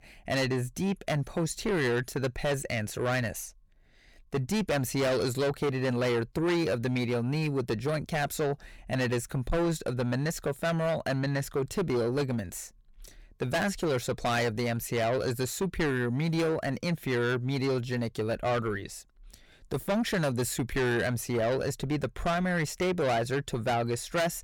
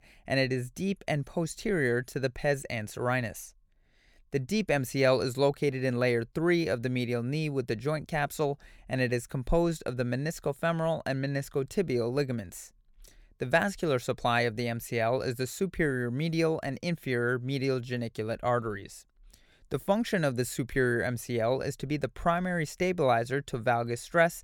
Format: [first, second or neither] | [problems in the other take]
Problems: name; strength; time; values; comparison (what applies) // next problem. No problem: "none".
second | distortion; heavy; 7 dB below the speech